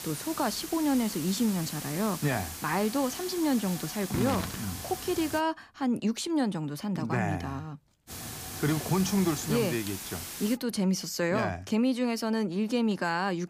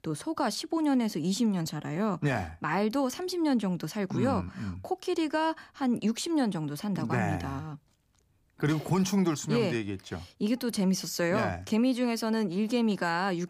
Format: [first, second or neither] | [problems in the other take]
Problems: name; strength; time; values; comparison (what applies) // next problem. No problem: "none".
second | hiss; loud; until 5.5 s and from 8 to 11 s; 8 dB below the speech